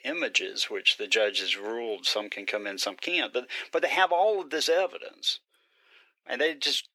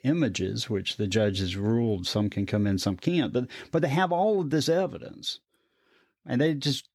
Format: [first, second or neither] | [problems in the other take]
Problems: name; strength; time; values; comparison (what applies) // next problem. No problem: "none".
second | thin; very; fading below 450 Hz